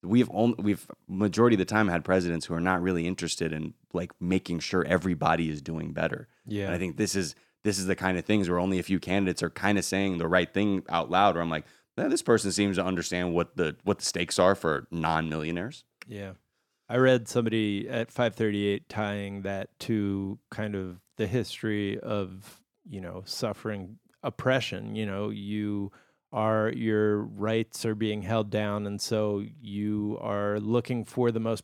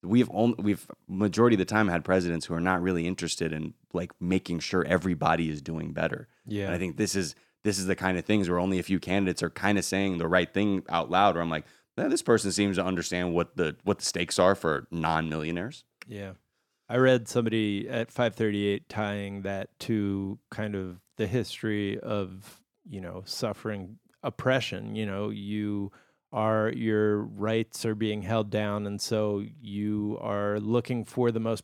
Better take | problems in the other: neither | none

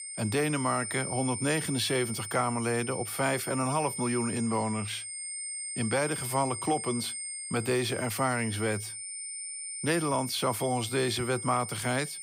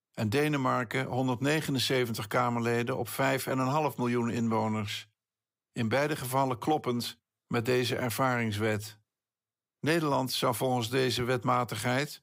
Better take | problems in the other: second | high-pitched whine; loud; throughout; 9 kHz, 6 dB below the speech

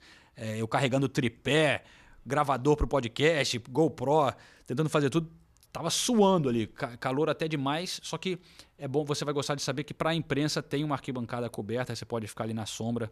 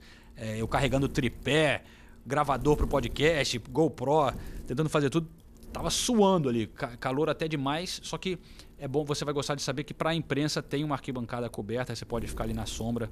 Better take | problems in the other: first | wind noise on the microphone; occasional gusts; 25 dB below the speech

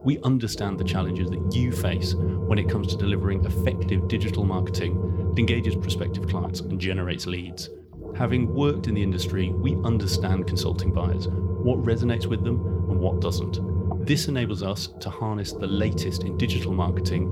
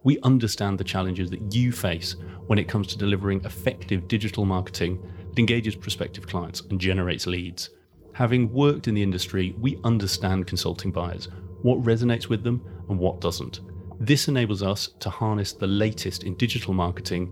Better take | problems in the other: second | low rumble; loud; throughout; 5 dB below the speech; faint in the second

